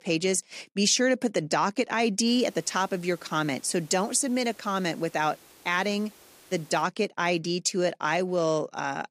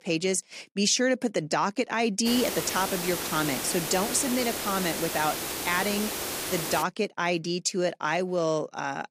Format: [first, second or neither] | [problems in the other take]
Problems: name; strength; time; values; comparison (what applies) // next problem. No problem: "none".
first | hiss; loud; from 2.5 to 7 s; 3 dB below the speech; faint in the first